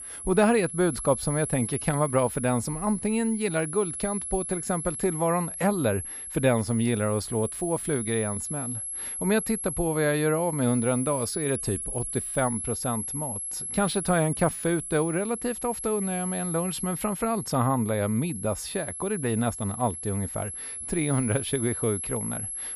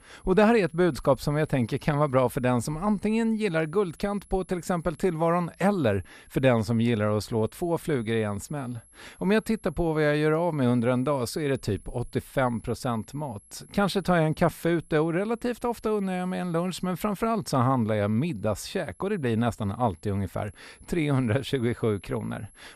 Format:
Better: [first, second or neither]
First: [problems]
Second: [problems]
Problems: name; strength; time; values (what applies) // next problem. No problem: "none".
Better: second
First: high-pitched whine; loud; throughout; 11 kHz, 5 dB below the speech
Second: high-pitched whine; faint; throughout; 11 kHz, 30 dB below the speech